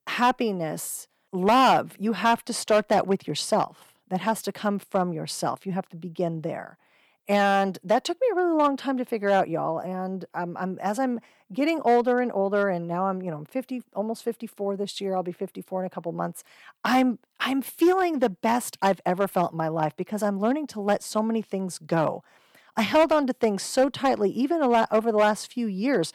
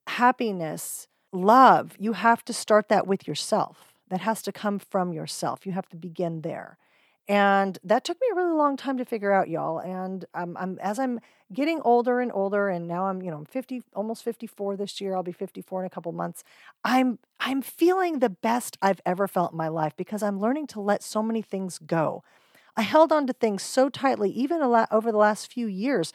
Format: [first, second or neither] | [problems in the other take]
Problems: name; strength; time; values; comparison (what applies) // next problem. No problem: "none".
second | distortion; slight; 2% of the sound clipped